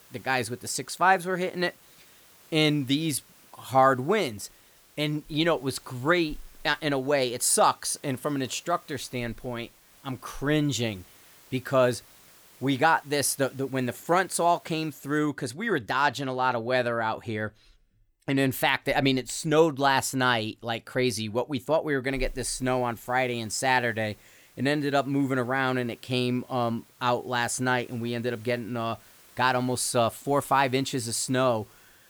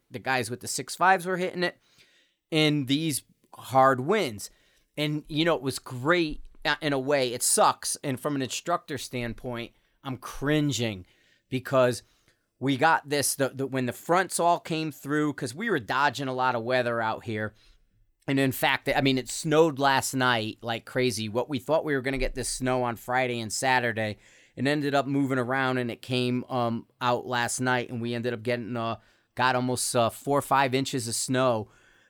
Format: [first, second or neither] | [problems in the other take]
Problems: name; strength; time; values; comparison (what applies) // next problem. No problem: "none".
second | hiss; faint; until 15 s and from 22 s on; 25 dB below the speech